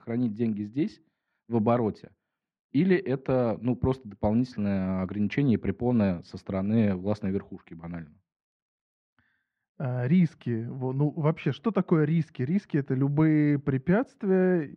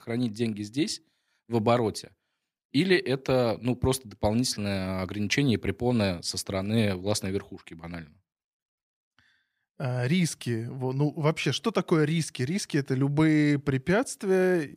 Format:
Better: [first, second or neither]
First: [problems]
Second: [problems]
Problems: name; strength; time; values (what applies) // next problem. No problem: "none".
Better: second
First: muffled; very; fading above 1.5 kHz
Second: none